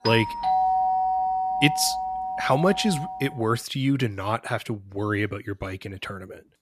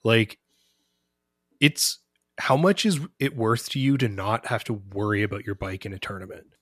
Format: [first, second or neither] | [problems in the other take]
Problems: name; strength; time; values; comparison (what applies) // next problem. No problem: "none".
second | doorbell; loud; until 3.5 s; peak 4 dB above the speech